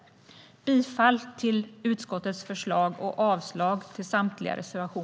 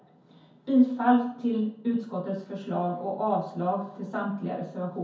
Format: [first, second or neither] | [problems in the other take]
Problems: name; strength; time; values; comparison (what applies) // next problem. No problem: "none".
first | room echo; dies away in 0.6 s